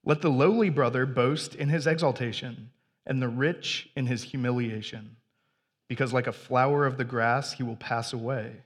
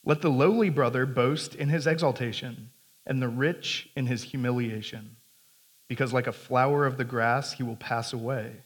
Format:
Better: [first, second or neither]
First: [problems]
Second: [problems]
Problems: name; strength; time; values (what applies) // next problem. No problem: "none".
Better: first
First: none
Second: hiss; faint; throughout; 30 dB below the speech